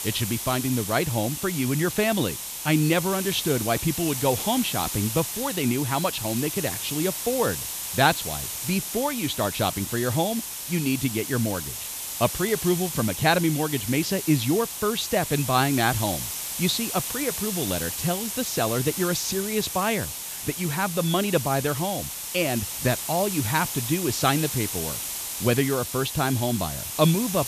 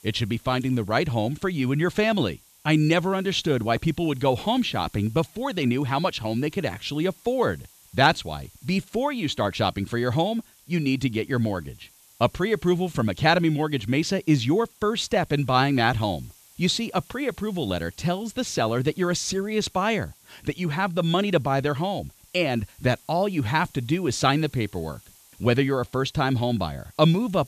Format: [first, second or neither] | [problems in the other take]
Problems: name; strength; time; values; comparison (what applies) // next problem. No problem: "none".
second | hiss; loud; throughout; 4 dB below the speech; faint in the second